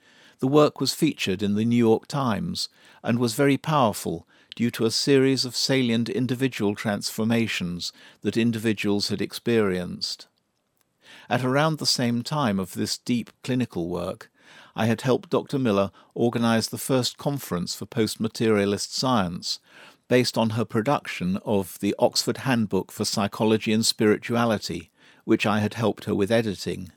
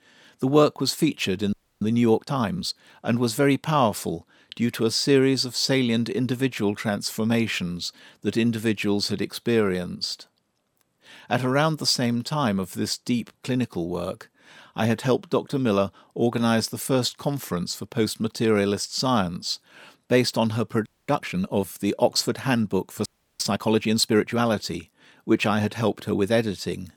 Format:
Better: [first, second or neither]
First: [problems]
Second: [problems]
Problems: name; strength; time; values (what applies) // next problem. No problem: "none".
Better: first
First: none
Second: audio freezing; at 1.5 s, at 21 s and at 23 s